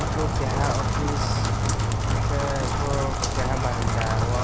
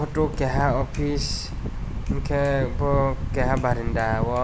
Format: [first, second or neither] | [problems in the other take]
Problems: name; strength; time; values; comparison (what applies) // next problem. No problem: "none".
second | background sound (Rain); 5 dB above the speech